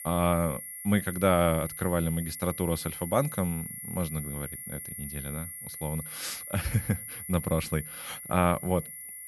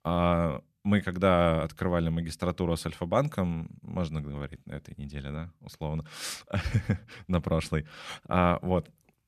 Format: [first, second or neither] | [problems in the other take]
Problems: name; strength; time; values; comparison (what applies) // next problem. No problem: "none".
second | high-pitched whine; loud; throughout; 10 kHz, 8 dB below the speech